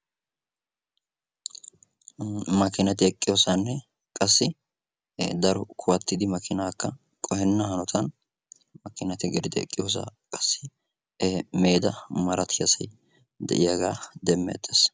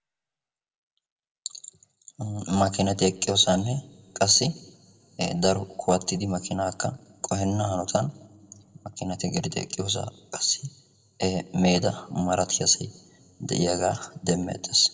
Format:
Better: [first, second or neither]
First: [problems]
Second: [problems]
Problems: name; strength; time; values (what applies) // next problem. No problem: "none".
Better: first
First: none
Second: room echo; dies away in 0.6 s